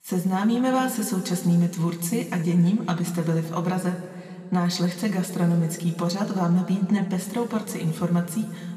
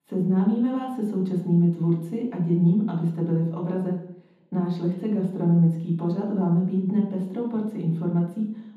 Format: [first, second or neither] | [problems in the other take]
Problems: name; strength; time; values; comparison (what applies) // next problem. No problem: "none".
first | room echo; strong; dies away in 0.9 s; slight in the first // off-mic speech; far; somewhat distant in the first